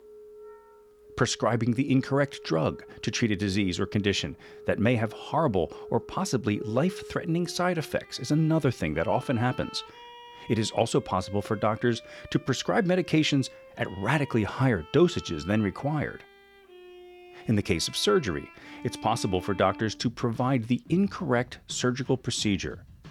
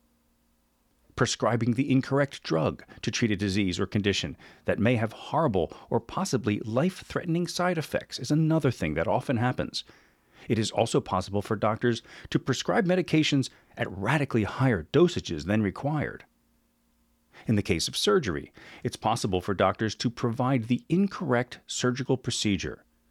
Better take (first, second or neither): second